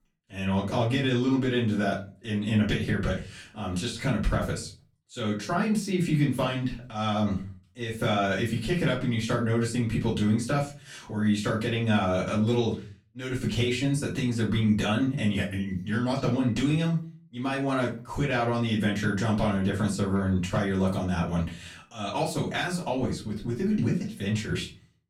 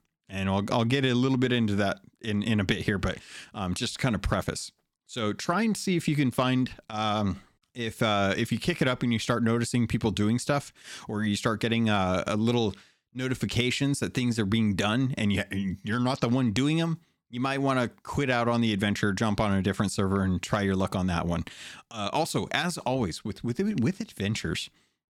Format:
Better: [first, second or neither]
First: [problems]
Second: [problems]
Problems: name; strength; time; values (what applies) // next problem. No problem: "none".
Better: second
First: off-mic speech; far // room echo; slight; dies away in 0.3 s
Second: none